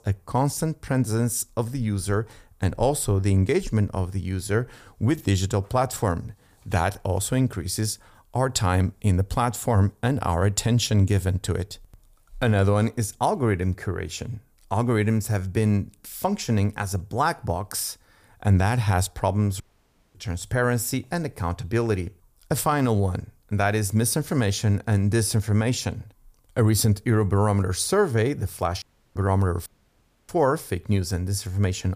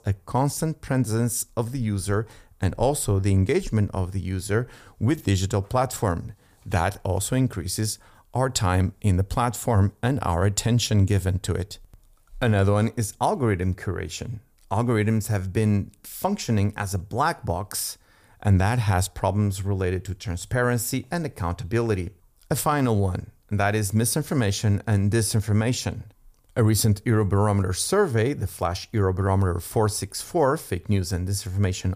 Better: second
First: audio cutting out; at 20 s for 0.5 s, at 29 s and at 30 s for 0.5 s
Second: none

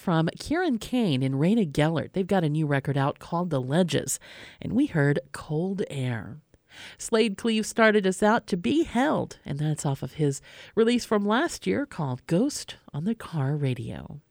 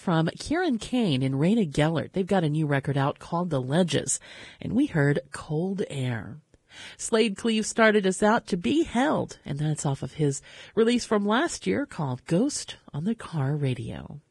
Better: first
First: none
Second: garbled, watery; badly

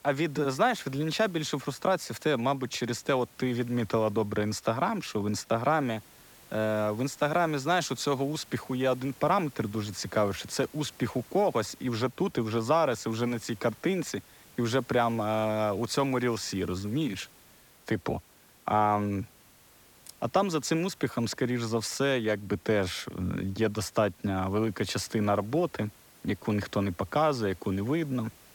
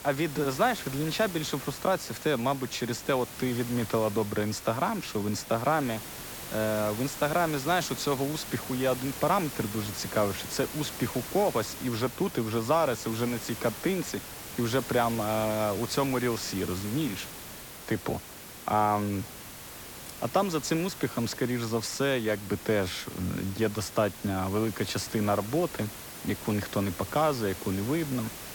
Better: first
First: hiss; faint; throughout; 25 dB below the speech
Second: hiss; loud; throughout; 10 dB below the speech

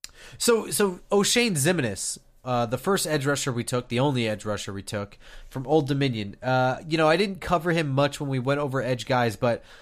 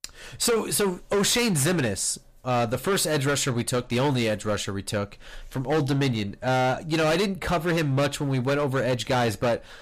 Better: first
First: none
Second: distortion; heavy; 16% of the sound clipped

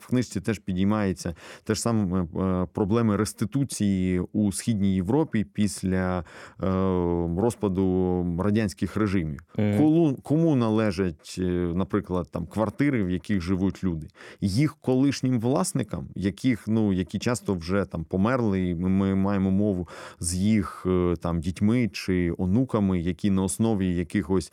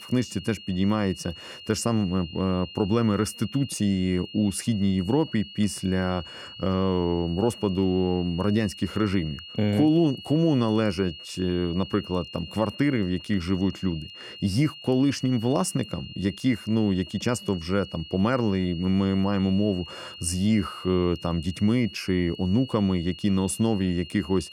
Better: first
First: none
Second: high-pitched whine; noticeable; throughout; 3 kHz, 15 dB below the speech

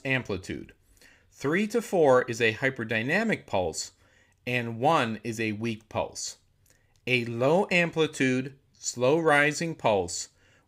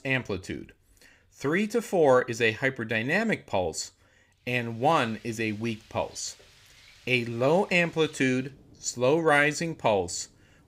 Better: first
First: none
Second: rain or running water; faint; from 4.5 s on; 30 dB below the speech

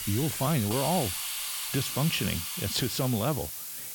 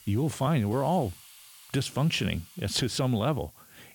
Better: second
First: hiss; loud; throughout; 3 dB below the speech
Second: hiss; faint; throughout; 20 dB below the speech

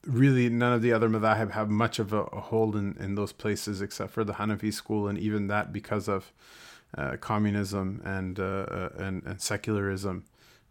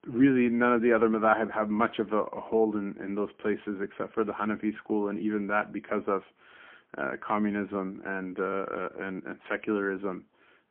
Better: first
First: none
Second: phone-call audio; poor line; nothing above 3.5 kHz

